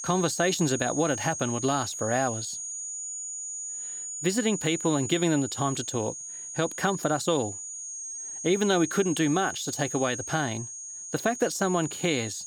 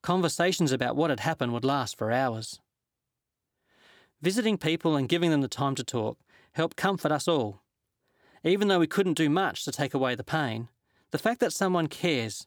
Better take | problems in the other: second | high-pitched whine; loud; throughout; 6.5 kHz, 6 dB below the speech

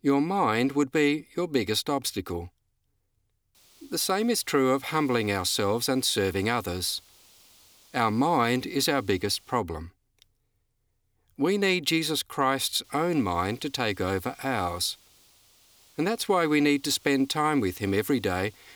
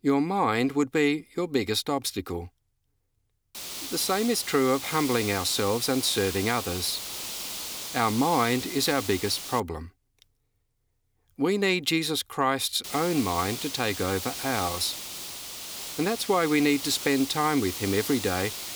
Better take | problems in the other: first | hiss; loud; from 3.5 to 9.5 s and from 13 s on; 8 dB below the speech; faint in the first

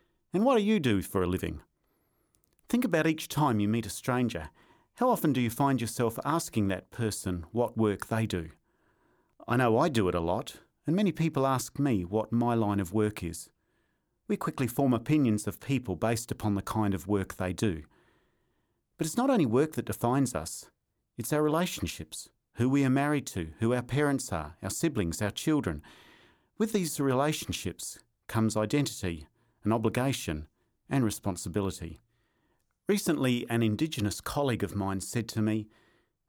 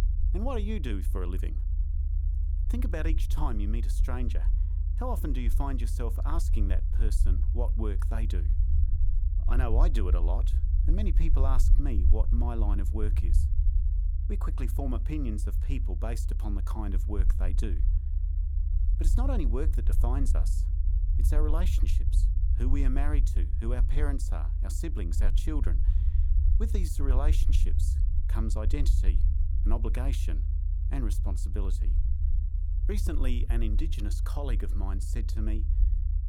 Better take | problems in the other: first | low rumble; loud; throughout; 9 dB below the speech

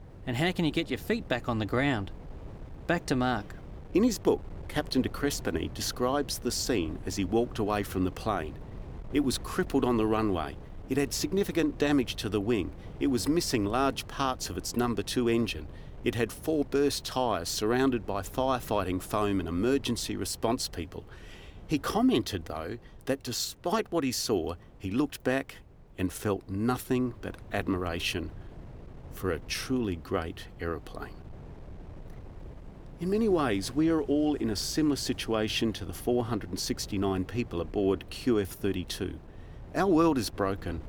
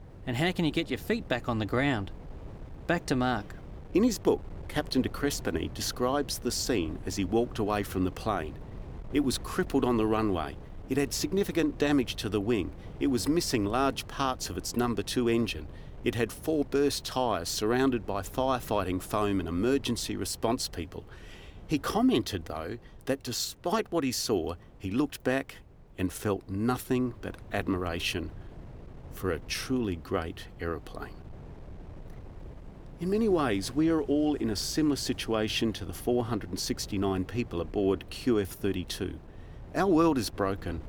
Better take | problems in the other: neither | wind noise on the microphone; occasional gusts; 20 dB below the speech; the same in both

